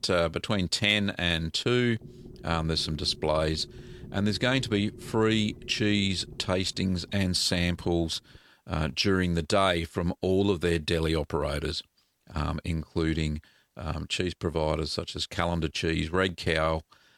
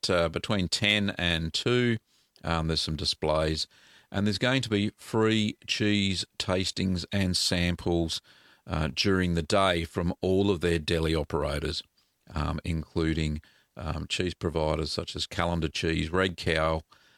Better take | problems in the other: second | low rumble; faint; until 8.5 s; 25 dB below the speech

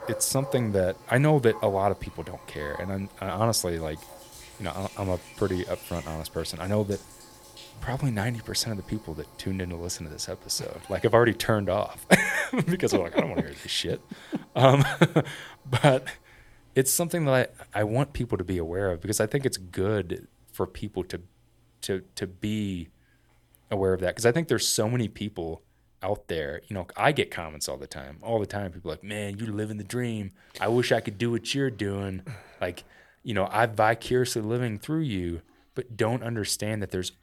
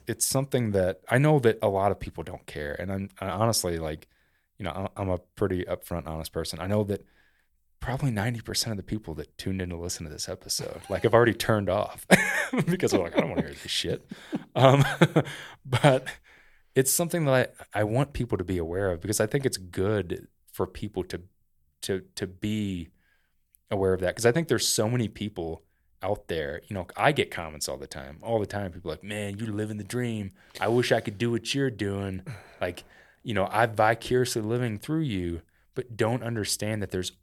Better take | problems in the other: second | household noises; faint; throughout; 20 dB below the speech

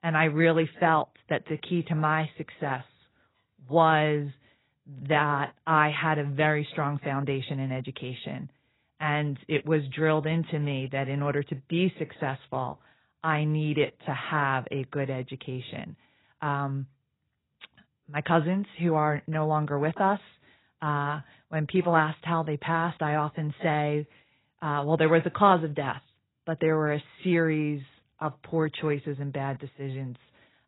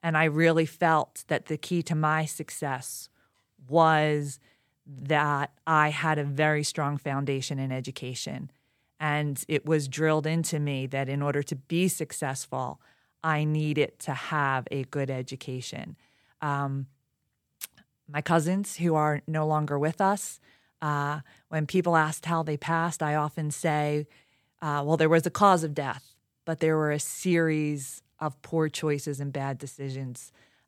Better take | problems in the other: second | garbled, watery; badly; nothing above 4 kHz

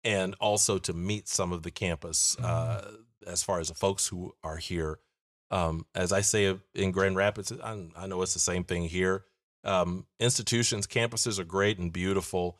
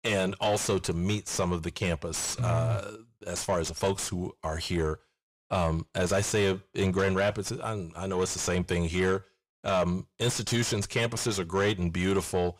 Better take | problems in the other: first | distortion; heavy; 7 dB below the speech

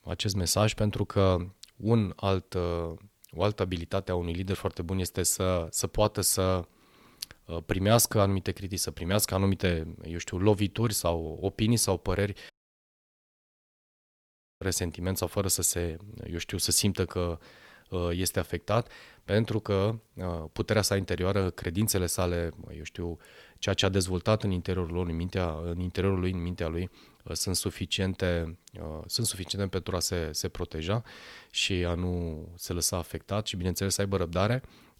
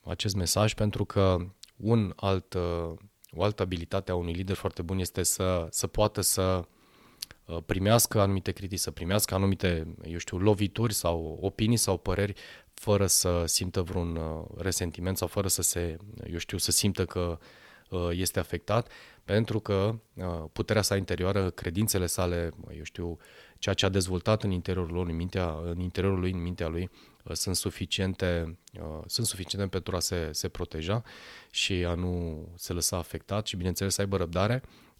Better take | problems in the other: second | audio cutting out; at 13 s for 2 s

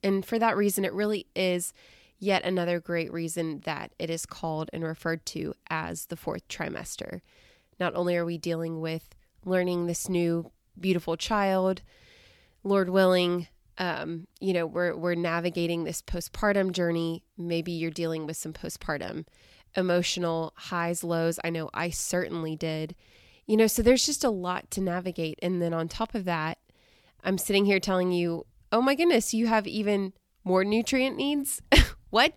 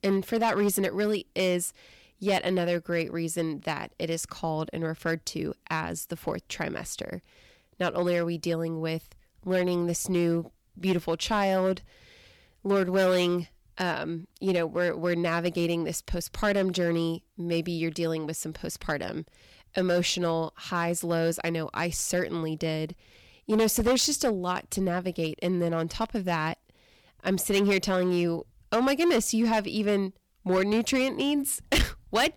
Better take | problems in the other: first | distortion; slight; 4% of the sound clipped

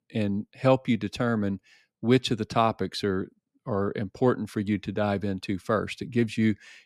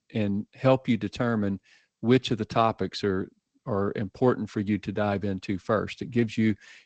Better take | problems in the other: first | garbled, watery; slightly; nothing above 8 kHz

